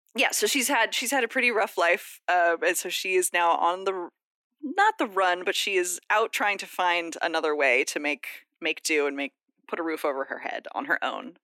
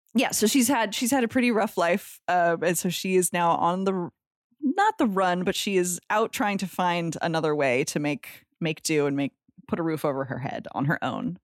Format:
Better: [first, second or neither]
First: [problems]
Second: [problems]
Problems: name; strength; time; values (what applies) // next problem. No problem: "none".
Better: second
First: thin; somewhat; fading below 300 Hz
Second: none